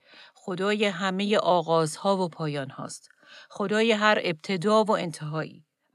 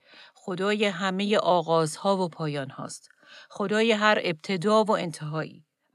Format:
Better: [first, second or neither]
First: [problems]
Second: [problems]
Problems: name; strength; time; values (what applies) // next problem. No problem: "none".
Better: neither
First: none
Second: none